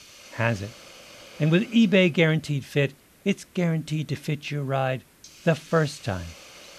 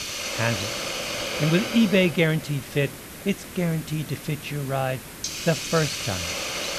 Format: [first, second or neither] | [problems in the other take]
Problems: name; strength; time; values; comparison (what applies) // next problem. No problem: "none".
first | hiss; loud; throughout; 5 dB below the speech; faint in the first